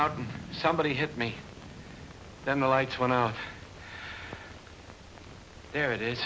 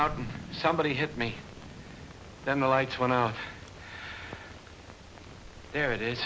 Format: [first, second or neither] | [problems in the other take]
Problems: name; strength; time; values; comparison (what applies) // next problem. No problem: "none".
first | background sound (Chewing, mastication); 19 dB below the speech